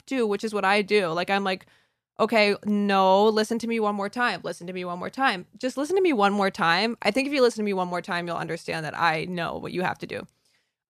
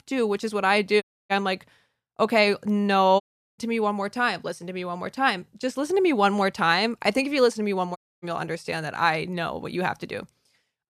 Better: first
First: none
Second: audio cutting out; at 1 s, at 3 s and at 8 s

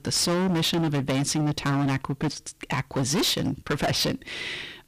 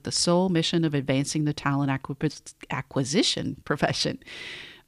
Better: second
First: distortion; heavy; 23% of the sound clipped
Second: none

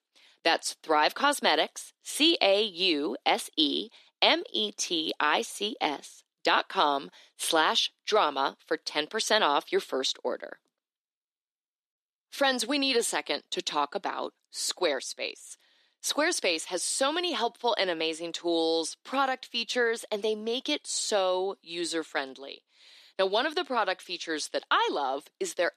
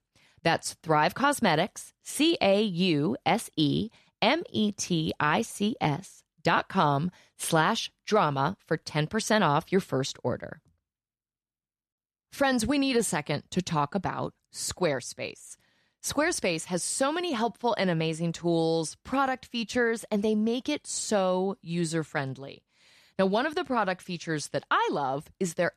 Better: second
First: thin; somewhat; fading below 300 Hz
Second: none

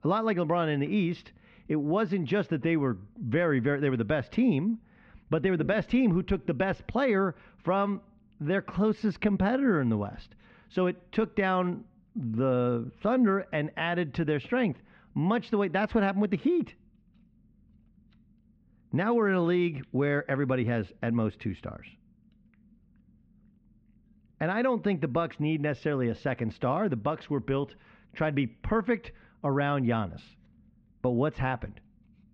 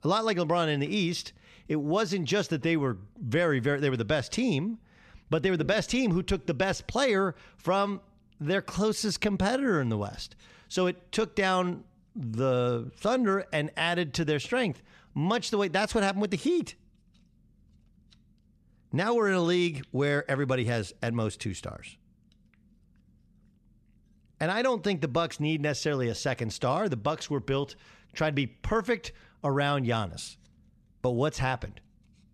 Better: second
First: muffled; very; fading above 2.5 kHz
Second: none

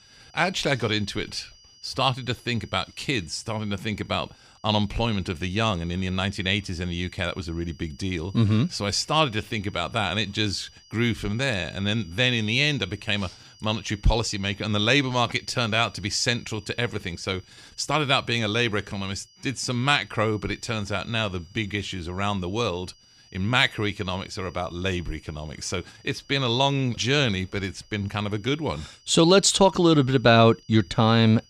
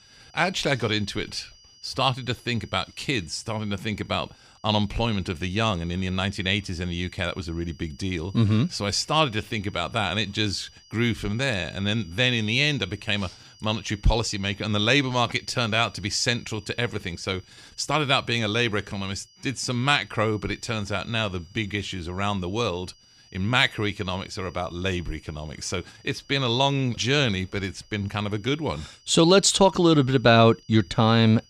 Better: neither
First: high-pitched whine; faint; throughout; 5 kHz, 30 dB below the speech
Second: high-pitched whine; faint; throughout; 5 kHz, 30 dB below the speech

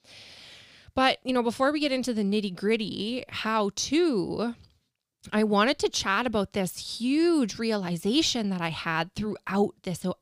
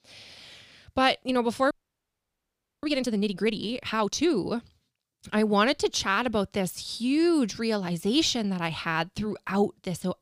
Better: first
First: none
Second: audio freezing; at 1.5 s for 1 s

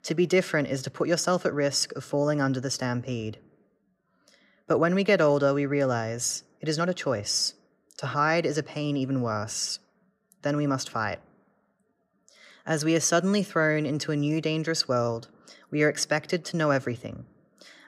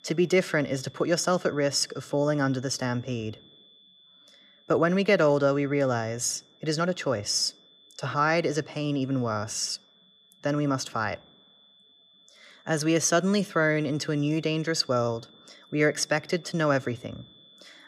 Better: first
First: none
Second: high-pitched whine; faint; throughout; 3.5 kHz, 30 dB below the speech

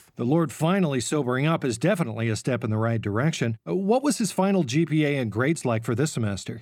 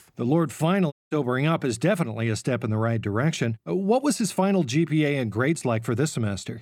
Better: first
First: none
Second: audio cutting out; at 1 s

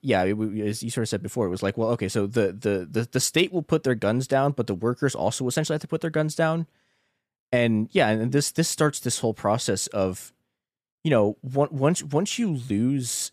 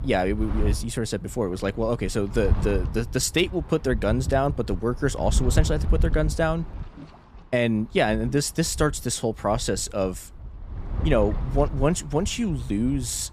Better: first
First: none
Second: wind noise on the microphone; occasional gusts; 15 dB below the speech

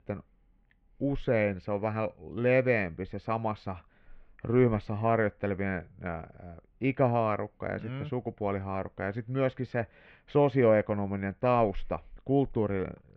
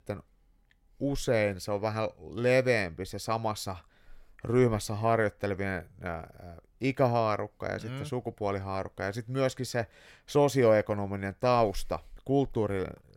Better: second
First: muffled; very; fading above 2.5 kHz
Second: none

